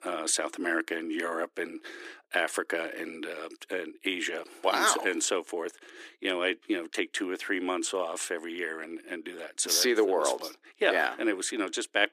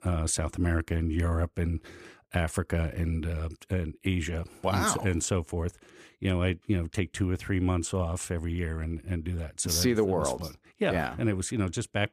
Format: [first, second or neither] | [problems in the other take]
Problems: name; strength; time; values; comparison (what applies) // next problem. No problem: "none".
second | thin; very; fading below 300 Hz